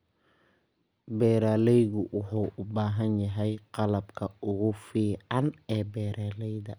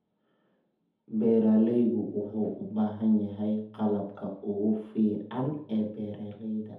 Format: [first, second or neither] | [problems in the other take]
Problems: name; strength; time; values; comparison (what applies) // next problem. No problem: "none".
first | room echo; dies away in 0.6 s